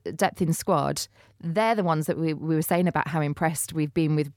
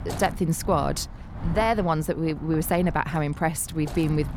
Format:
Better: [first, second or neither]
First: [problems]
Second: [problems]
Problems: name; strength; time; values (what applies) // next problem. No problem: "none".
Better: first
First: none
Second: wind noise on the microphone; occasional gusts; 15 dB below the speech